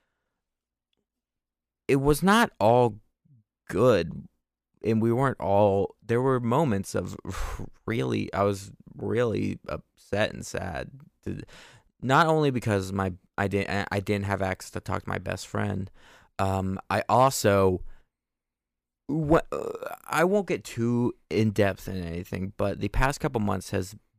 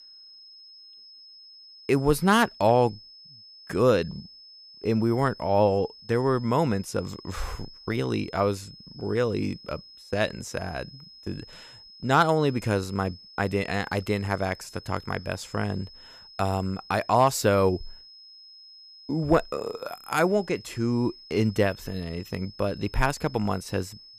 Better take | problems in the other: first | high-pitched whine; noticeable; throughout; 5 kHz, 20 dB below the speech

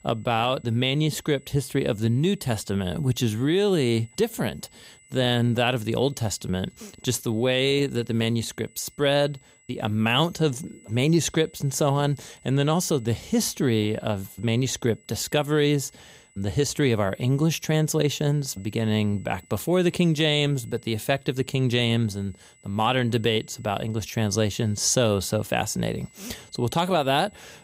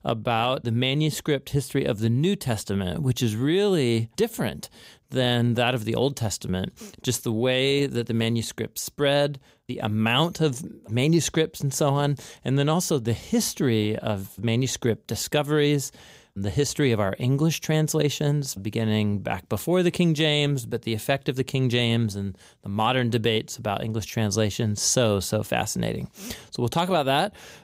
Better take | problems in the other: second | high-pitched whine; faint; throughout; 8 kHz, 30 dB below the speech

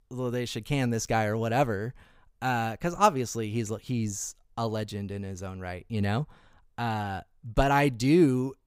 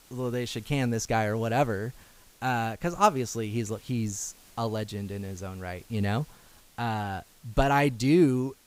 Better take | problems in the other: first | hiss; faint; throughout; 25 dB below the speech

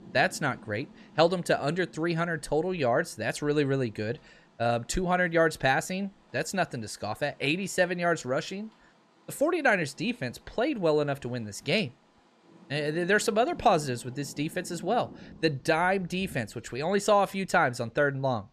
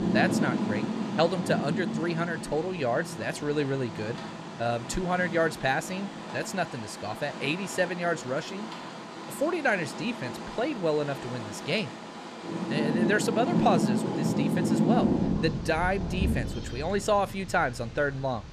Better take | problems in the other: first | rain or running water; loud; throughout; 2 dB below the speech; faint in the first

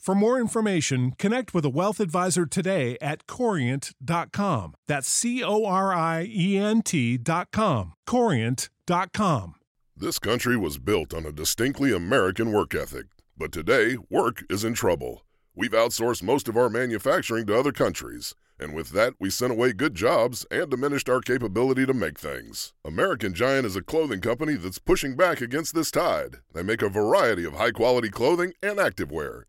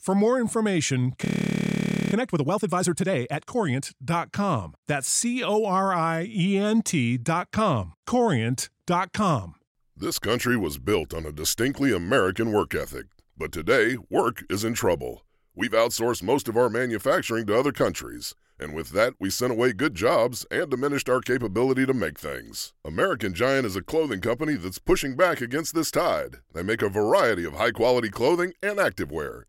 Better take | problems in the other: first | audio freezing; at 1.5 s for 1 s

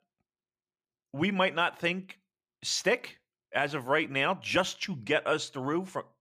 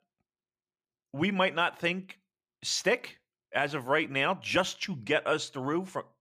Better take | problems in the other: neither | none

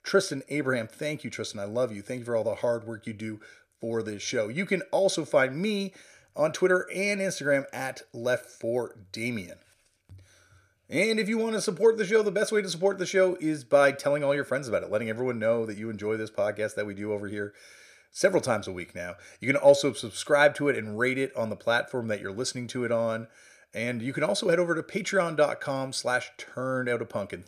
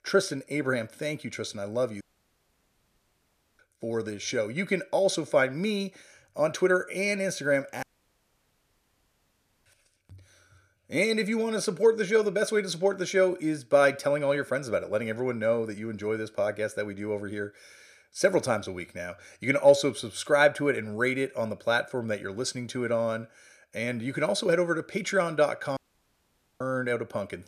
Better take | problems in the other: first | audio cutting out; at 2 s for 1.5 s, at 8 s for 2 s and at 26 s for 1 s

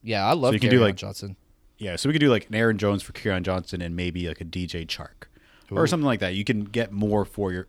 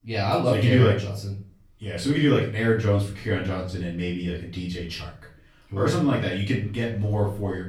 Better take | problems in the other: first | off-mic speech; far // room echo; noticeable; dies away in 0.4 s

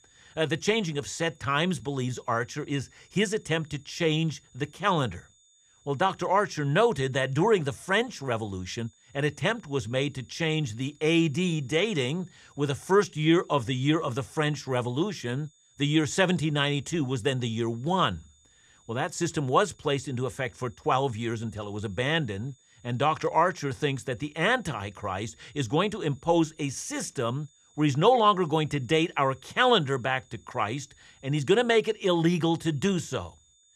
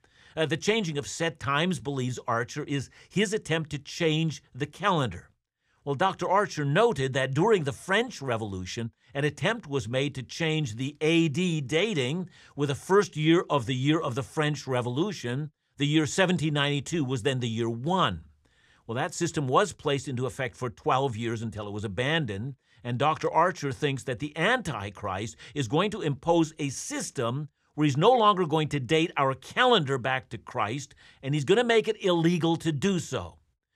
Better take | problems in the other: second | high-pitched whine; faint; throughout; 7 kHz, 30 dB below the speech

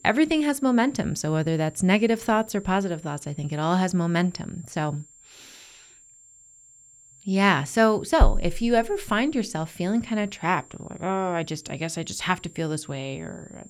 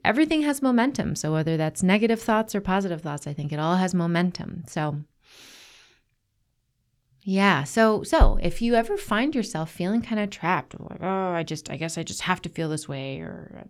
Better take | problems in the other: second | high-pitched whine; faint; throughout; 7.5 kHz, 25 dB below the speech

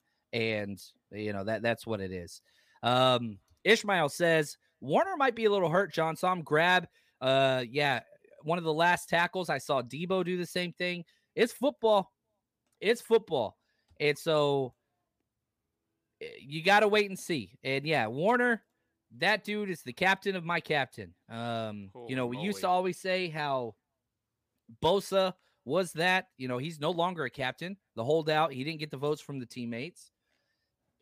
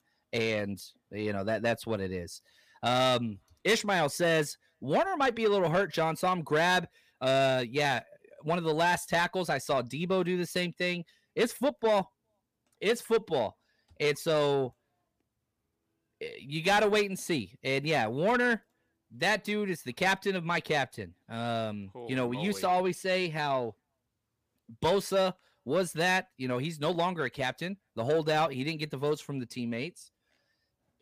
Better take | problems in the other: first | distortion; slight; 10 dB below the speech

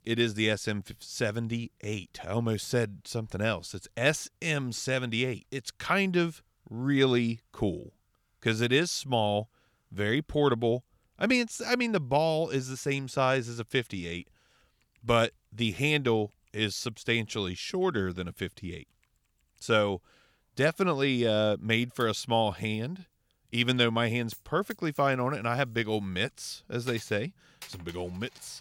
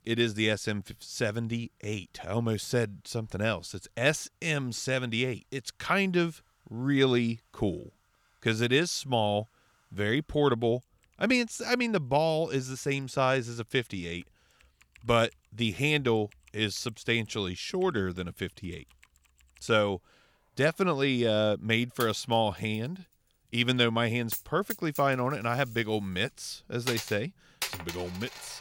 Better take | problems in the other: first | household noises; loud; throughout; 10 dB below the speech; faint in the first

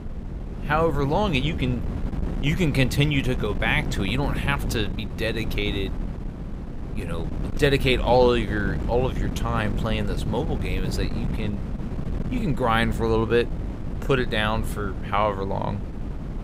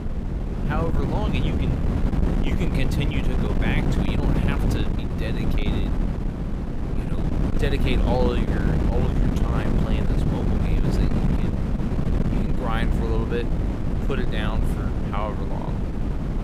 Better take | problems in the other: first | wind noise on the microphone; heavy; as loud as the speech; occasional gusts in the first

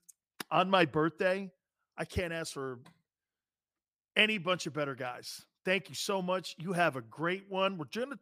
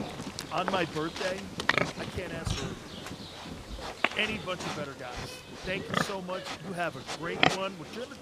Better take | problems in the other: first | animal sounds; very loud; throughout; 2 dB above the speech

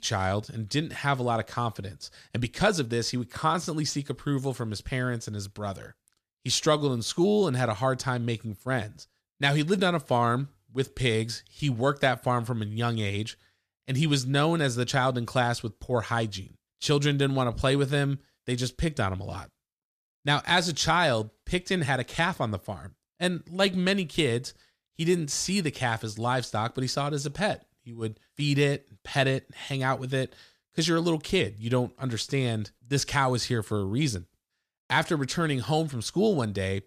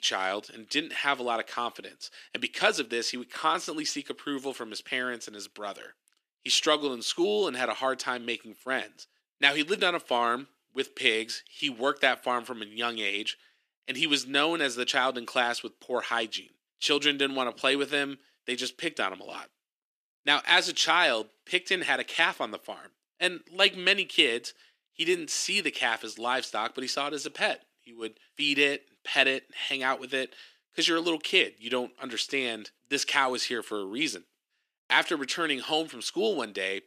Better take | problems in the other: first | thin; somewhat; fading below 300 Hz

